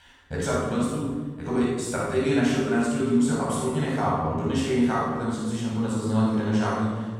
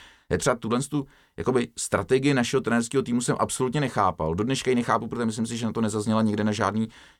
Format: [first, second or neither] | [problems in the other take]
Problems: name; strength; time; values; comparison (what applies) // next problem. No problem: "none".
second | off-mic speech; far // room echo; strong; dies away in 1.3 s